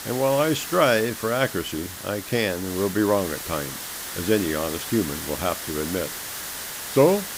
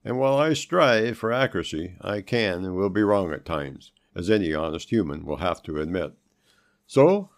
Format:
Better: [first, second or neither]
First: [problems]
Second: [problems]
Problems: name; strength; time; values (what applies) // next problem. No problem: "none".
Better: second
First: hiss; loud; throughout; 7 dB below the speech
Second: none